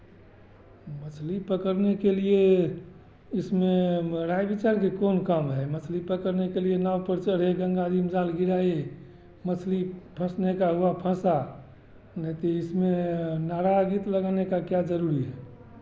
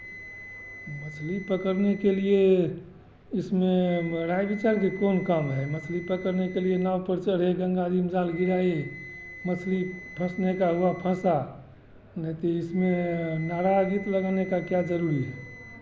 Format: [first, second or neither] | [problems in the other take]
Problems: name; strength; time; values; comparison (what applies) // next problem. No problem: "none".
first | background sound (Wind instrument, woodwind instrument); 18 dB below the speech